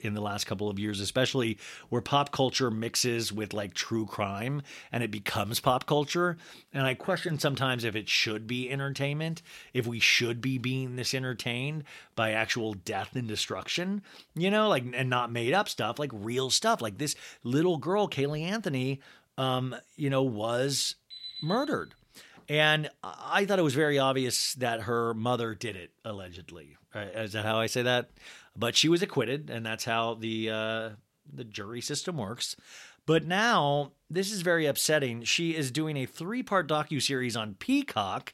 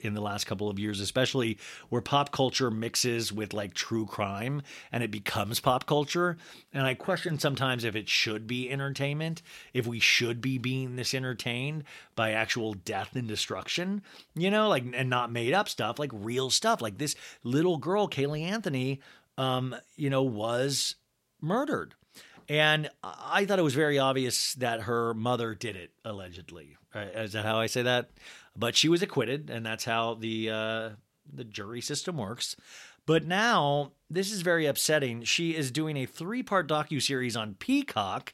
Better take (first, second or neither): second